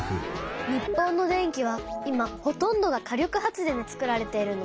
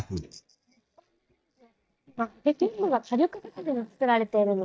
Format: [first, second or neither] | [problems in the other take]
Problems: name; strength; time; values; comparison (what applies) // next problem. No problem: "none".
first | noise reduction (neural mask model DeepFilterNet 3)